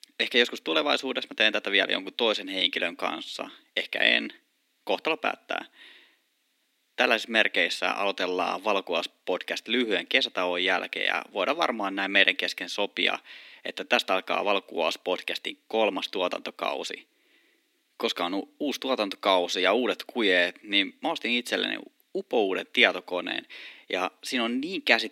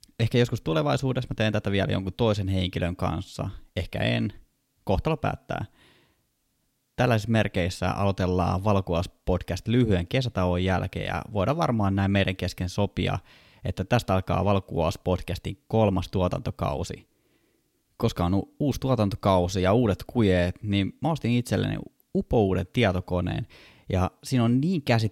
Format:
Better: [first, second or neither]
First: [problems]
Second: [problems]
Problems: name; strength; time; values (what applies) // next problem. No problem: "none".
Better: second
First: thin; somewhat; fading below 250 Hz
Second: none